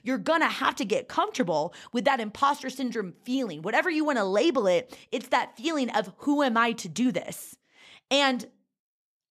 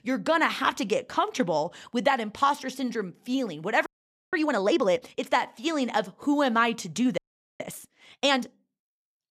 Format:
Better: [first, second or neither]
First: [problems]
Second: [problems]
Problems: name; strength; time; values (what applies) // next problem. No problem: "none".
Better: first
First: none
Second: audio freezing; at 4 s and at 7 s